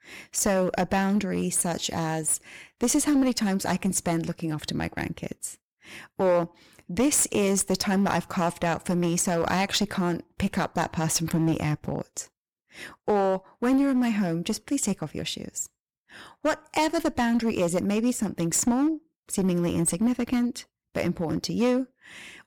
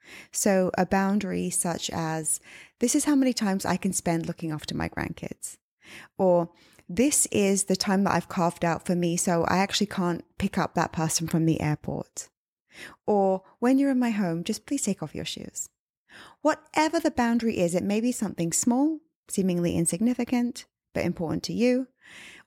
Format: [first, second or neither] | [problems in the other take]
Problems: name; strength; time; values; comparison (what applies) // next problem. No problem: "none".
second | distortion; slight; 6% of the sound clipped